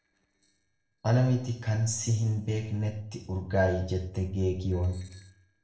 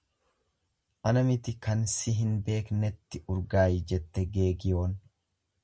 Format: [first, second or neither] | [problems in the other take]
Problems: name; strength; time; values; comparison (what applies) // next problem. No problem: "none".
second | noise reduction (neural separator model SepFormer DNS4)